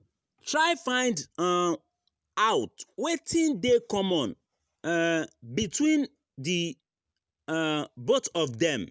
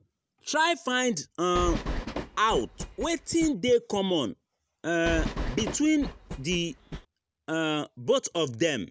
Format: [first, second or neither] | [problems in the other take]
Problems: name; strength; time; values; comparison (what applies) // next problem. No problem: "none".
first | background sound (Train); 6 dB below the speech